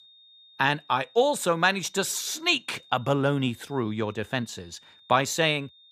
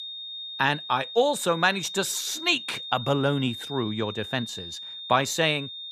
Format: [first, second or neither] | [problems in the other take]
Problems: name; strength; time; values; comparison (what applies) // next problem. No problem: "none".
first | high-pitched whine; loud; throughout; 3.5 kHz, 10 dB below the speech; faint in the first